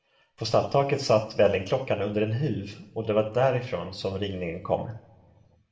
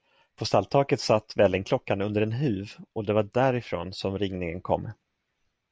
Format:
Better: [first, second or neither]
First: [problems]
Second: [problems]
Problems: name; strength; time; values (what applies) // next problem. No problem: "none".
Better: second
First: room echo; dies away in 1 s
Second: none